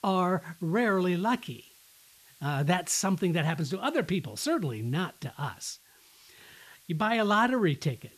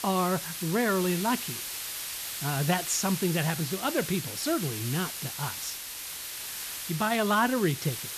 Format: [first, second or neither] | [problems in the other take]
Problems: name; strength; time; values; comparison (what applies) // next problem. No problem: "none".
first | hiss; loud; throughout; 5 dB below the speech; faint in the first